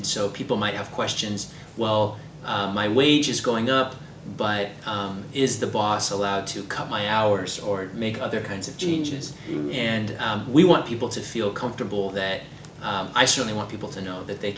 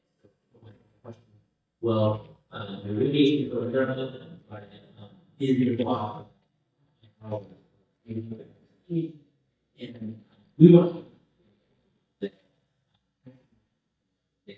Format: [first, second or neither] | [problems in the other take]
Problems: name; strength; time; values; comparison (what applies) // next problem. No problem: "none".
first | noise reduction (neural mask model DeepFilterNet 3)